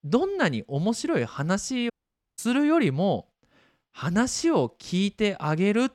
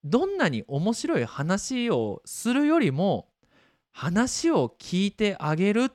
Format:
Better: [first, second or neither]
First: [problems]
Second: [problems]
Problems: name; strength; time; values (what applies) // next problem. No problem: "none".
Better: second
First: audio cutting out; at 2 s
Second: none